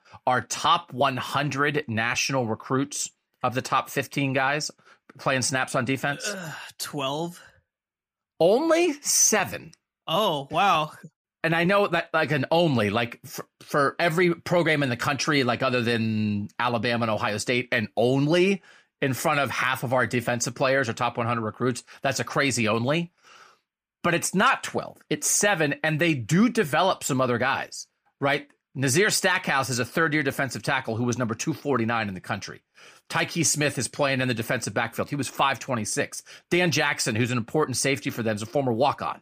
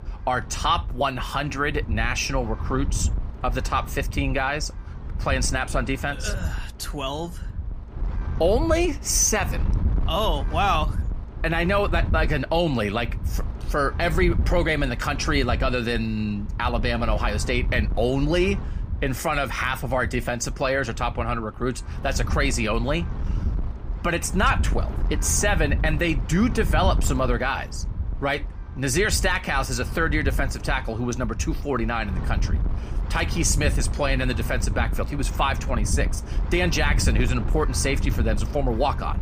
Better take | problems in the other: first | wind noise on the microphone; occasional gusts; 15 dB below the speech

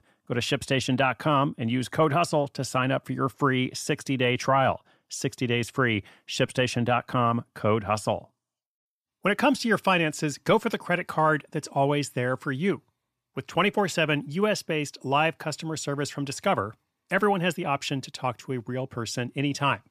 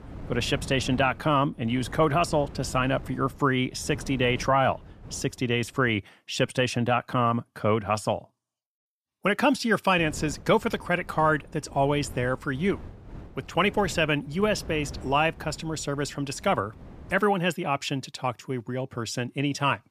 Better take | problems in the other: first | wind noise on the microphone; occasional gusts; until 6 s and from 10 to 17 s; 25 dB below the speech

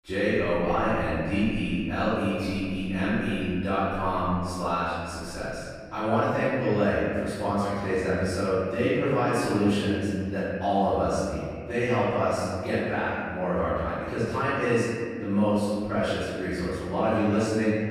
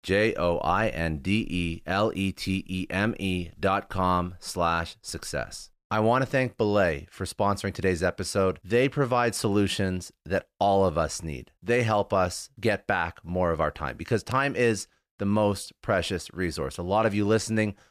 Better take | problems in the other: second | off-mic speech; far // room echo; strong; dies away in 2 s

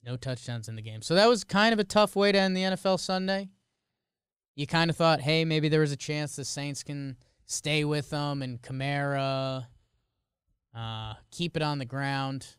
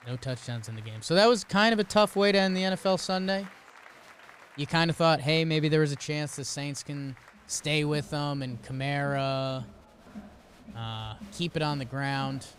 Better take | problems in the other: first | crowd noise; faint; throughout; 25 dB below the speech

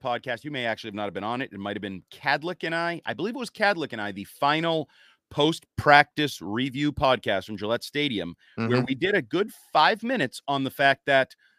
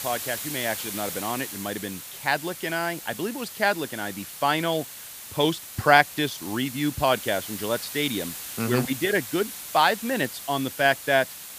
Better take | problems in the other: first | hiss; loud; throughout; 9 dB below the speech

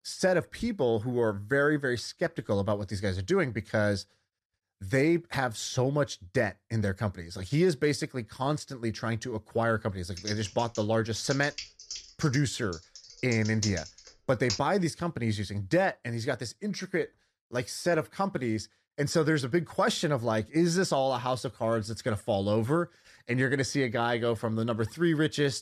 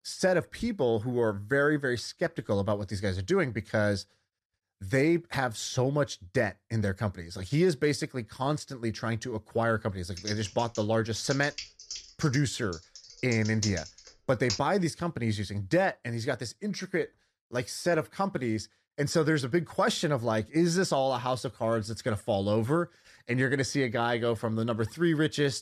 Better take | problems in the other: neither | keyboard typing; noticeable; from 10 to 15 s; peak 6 dB below the speech; the same in both

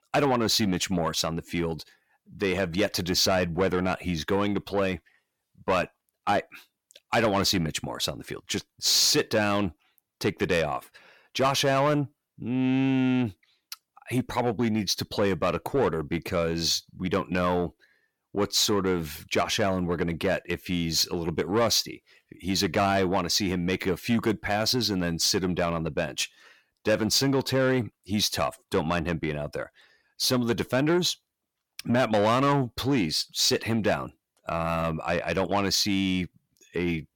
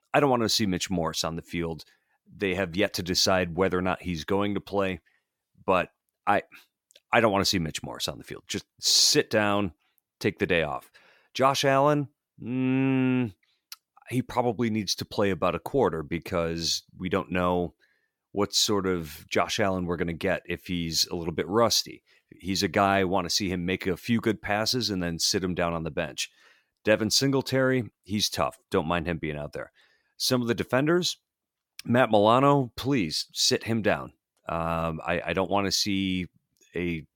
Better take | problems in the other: second | distortion; slight; 10 dB below the speech

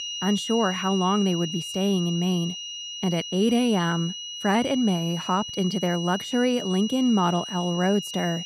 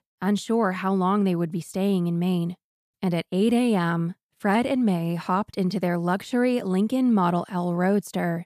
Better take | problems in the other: second | high-pitched whine; loud; throughout; 3 kHz, 8 dB below the speech

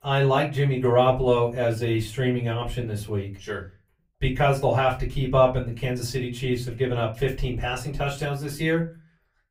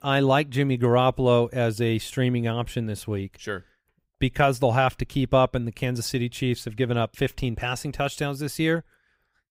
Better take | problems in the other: second | off-mic speech; far // room echo; very slight; dies away in 0.3 s

